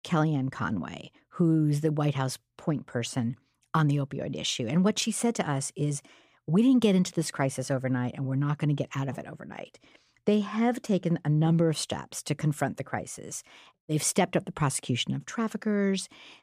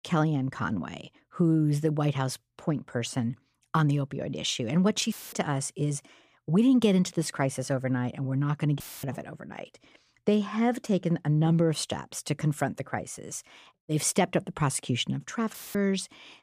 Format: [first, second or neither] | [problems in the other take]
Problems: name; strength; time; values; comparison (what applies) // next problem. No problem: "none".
first | audio cutting out; filled with static; at 5 s, at 9 s and at 16 s